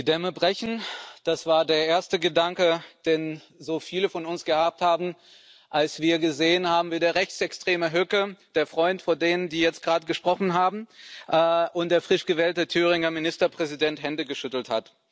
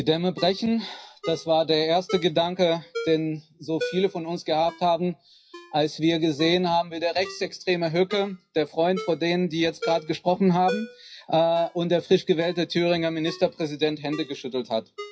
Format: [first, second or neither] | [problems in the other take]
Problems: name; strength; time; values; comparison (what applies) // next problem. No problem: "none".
first | noise reduction (classical method WPE with log-MMSE)